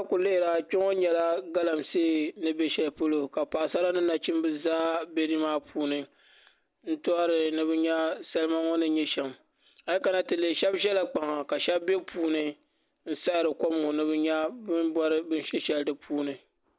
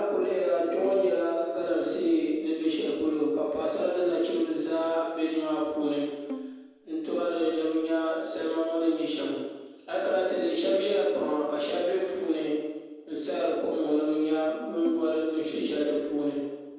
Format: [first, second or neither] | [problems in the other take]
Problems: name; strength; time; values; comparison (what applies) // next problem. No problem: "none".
first | background sound (Bowed string instrument); 16 dB below the speech // room echo; dies away in 1.2 s